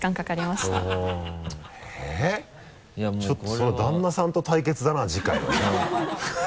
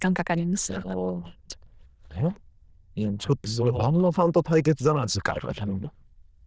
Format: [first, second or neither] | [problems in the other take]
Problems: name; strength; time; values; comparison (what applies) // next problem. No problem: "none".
first | noise reduction (neural diffusion model UNIVERSE++)